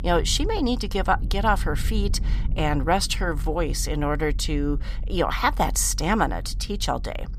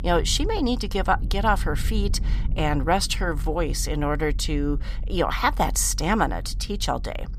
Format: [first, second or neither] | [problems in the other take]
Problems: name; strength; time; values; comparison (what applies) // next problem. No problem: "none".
neither | low rumble; faint; throughout; 25 dB below the speech; the same in both